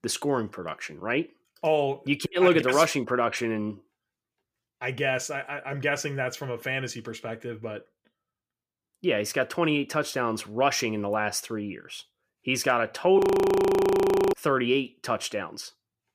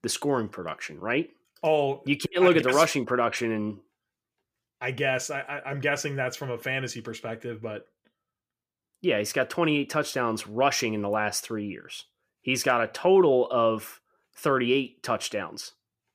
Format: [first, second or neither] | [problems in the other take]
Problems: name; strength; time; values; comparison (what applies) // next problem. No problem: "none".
second | audio freezing; at 13 s for 1 s